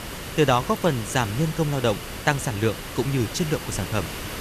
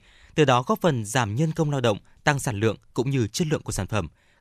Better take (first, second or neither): second